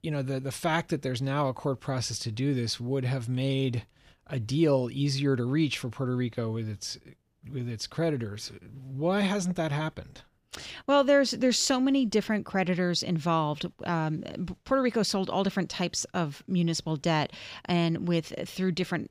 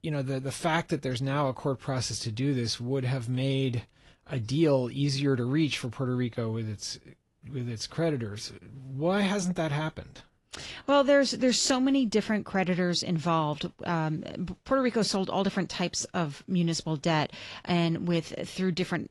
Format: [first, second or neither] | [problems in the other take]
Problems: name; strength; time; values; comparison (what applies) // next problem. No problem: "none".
first | garbled, watery; slightly; nothing above 11 kHz